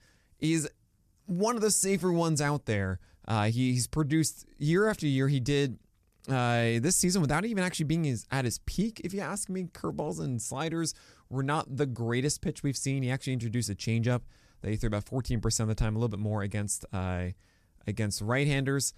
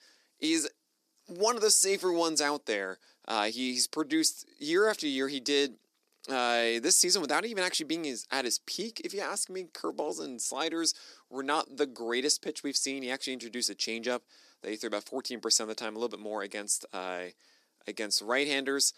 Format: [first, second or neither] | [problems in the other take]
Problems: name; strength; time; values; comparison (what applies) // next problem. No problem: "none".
first | thin; somewhat; fading below 300 Hz